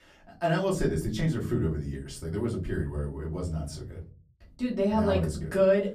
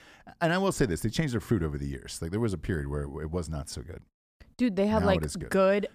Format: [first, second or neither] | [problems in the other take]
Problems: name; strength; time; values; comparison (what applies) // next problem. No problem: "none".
second | off-mic speech; far // room echo; very slight; dies away in 0.5 s